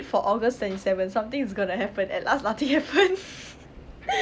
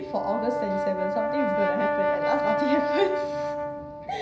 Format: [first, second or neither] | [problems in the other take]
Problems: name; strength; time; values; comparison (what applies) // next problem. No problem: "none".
first | background sound (Brass instrument); 3 dB above the speech // room echo; dies away in 0.5 s